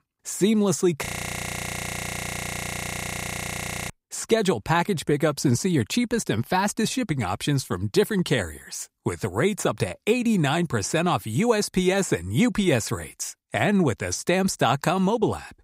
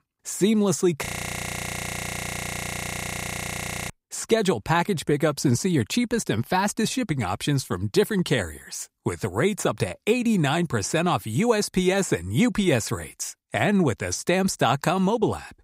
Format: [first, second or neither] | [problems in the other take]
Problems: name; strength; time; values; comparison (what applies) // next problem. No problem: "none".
neither | audio freezing; at 1 s for 3 s; the same in both